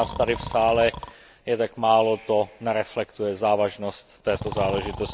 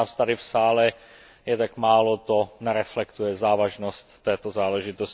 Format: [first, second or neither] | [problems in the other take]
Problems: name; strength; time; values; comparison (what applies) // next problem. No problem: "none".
second | background sound (Breathing); 13 dB below the speech